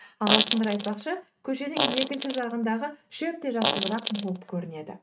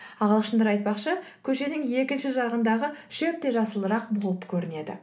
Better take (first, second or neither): second